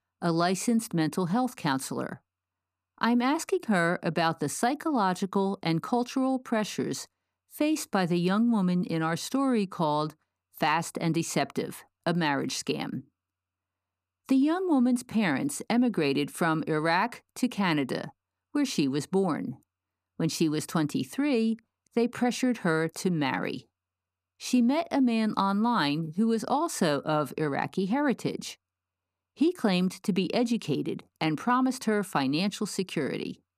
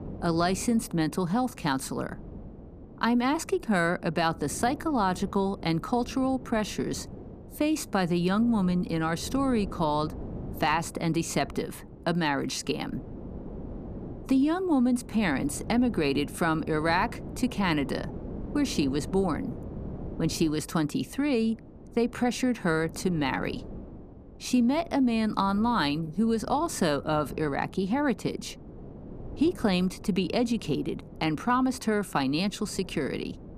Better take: first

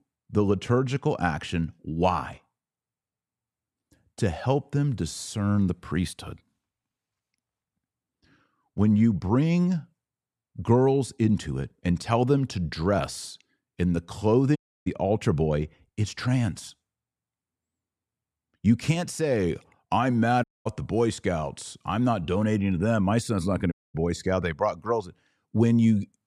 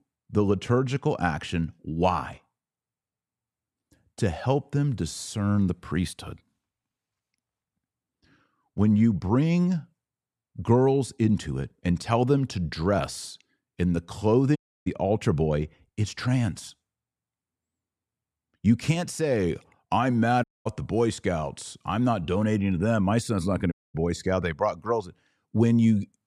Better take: neither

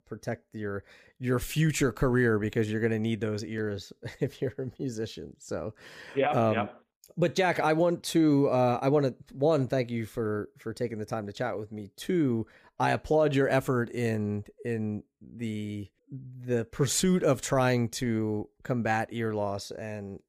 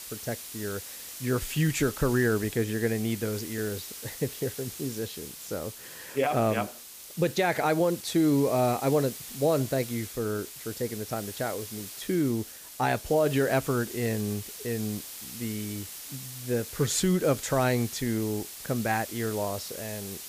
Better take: first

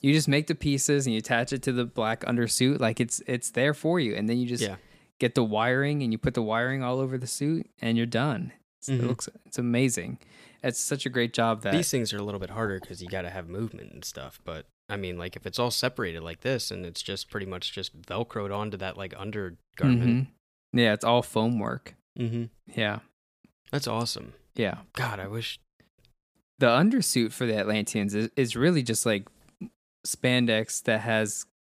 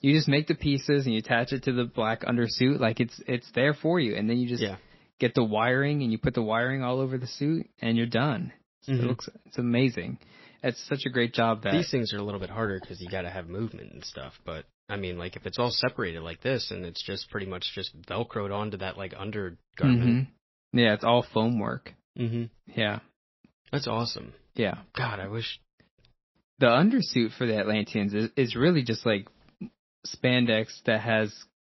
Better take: first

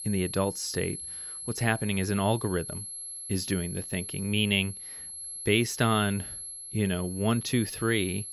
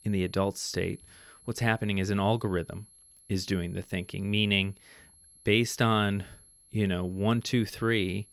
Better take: second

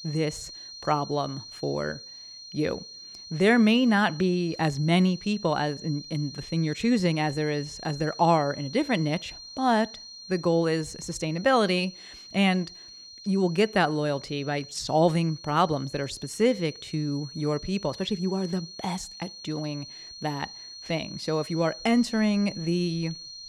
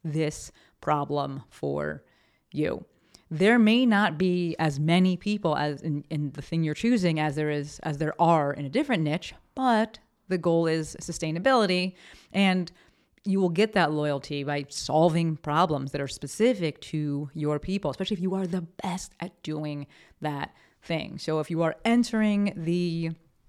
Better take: second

